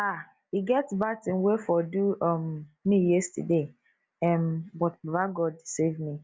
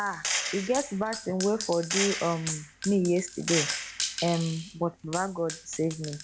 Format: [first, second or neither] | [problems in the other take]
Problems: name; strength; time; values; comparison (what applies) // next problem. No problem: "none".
first | background sound (Gunshot, gunfire); 5 dB below the speech